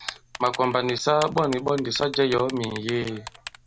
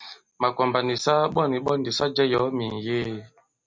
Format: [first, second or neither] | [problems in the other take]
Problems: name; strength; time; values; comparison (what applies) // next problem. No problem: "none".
second | background sound (Typing); 15 dB below the speech